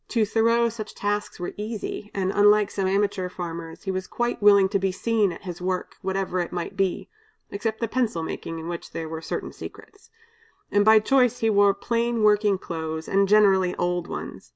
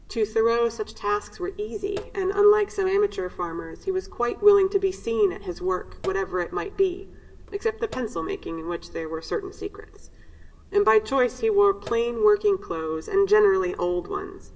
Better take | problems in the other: first | background sound (Sink (filling or washing)); 18 dB below the speech // room echo; dies away in 2.2 s

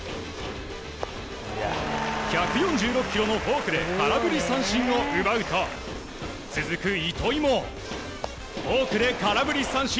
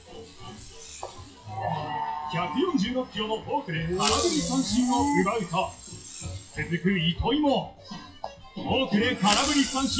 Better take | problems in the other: first | noise reduction (classical method WPE with log-MMSE)

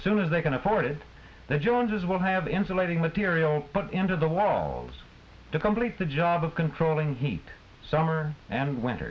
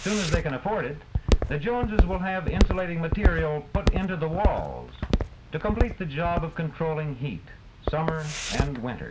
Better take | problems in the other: first | background sound (Walk, footsteps); 2 dB above the speech

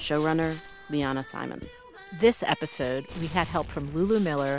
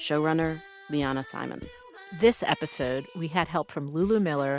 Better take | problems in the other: second | background sound (Gunshot, gunfire); 18 dB below the speech

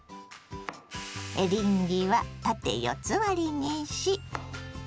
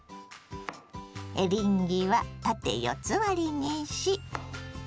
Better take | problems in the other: second | background sound (Hi-hat); 20 dB below the speech

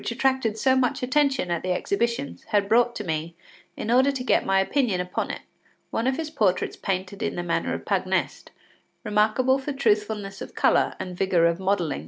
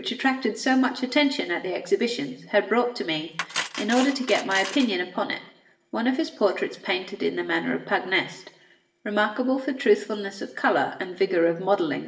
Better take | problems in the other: first | background sound (Cutlery, silverware); 11 dB below the speech // room echo; dies away in 0.7 s

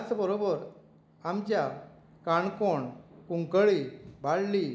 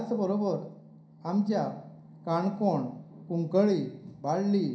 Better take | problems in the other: first | room echo; dies away in 0.3 s

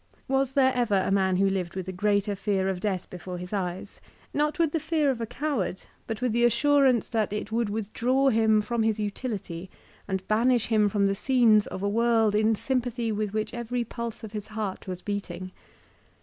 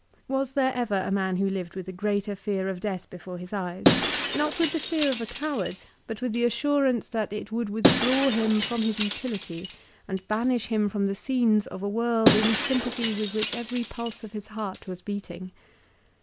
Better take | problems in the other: first | background sound (Shatter); 3 dB below the speech

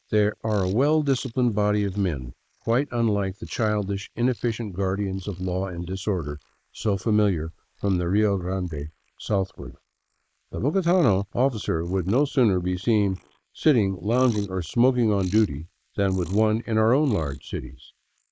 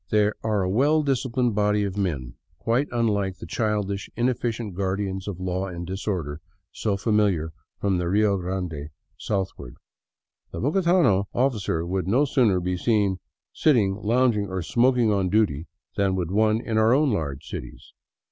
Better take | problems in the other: second | noise reduction (neural mask model Resemble Enhance denoiser)

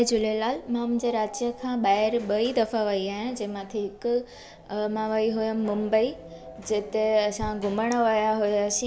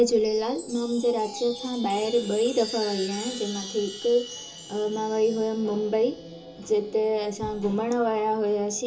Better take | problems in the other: first | background sound (Chime); 16 dB below the speech // room echo; dies away in 0.2 s

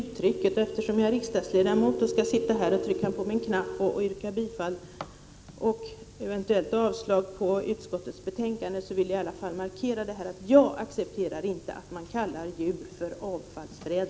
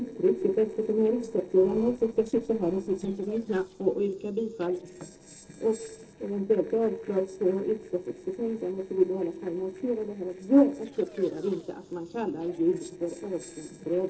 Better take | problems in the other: first | noise reduction (neural separator model SepFormer DNS4)

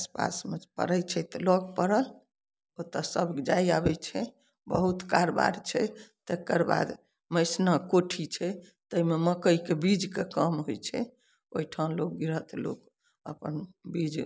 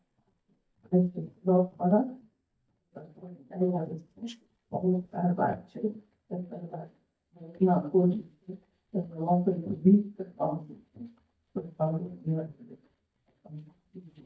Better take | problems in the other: first | noise reduction (neural mask model DeepFilterNet 3)

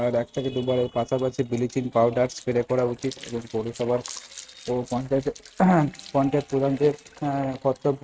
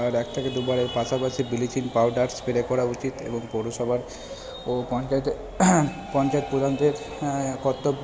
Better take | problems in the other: second | noise reduction (neural mask model RNNoise)

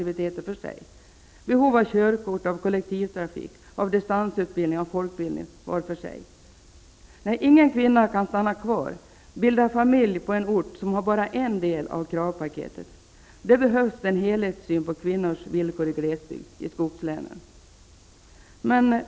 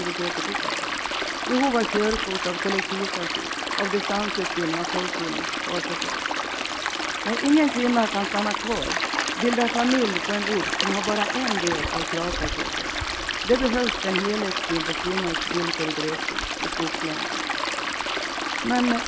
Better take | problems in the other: first | background sound (Stream); as loud as the speech

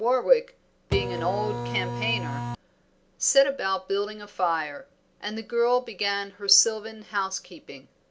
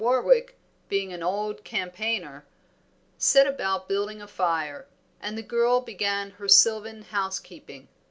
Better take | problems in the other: second | background sound (Printer); 3 dB below the speech

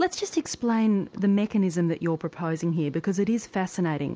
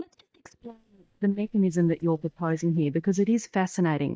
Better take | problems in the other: first | noise reduction (neural mask model DeepFilterNet 3)

